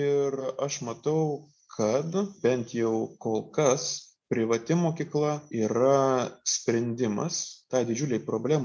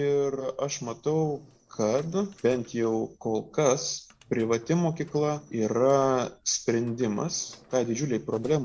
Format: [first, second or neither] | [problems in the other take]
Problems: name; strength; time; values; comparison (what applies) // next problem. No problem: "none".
first | noise reduction (neural separator model SepFormer DNS4)